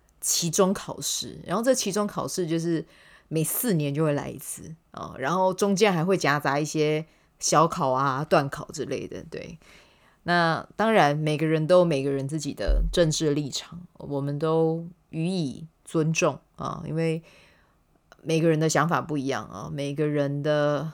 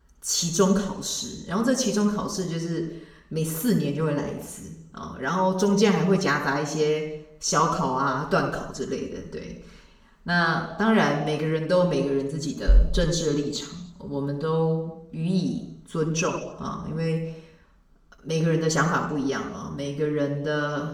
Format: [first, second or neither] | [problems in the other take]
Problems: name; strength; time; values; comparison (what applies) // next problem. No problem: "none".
first | room echo; noticeable; dies away in 0.7 s // off-mic speech; far